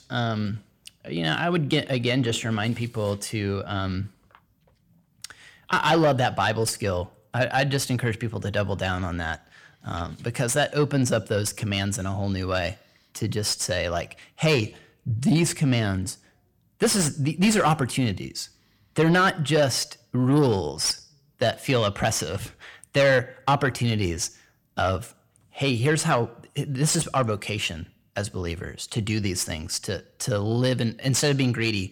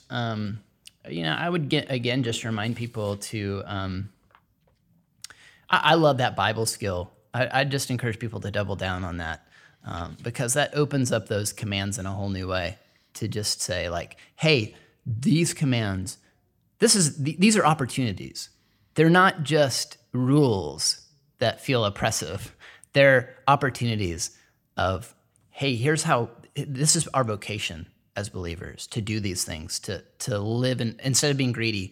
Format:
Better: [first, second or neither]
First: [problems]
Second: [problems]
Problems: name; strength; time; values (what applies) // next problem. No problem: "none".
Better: second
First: distortion; slight; 10 dB below the speech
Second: none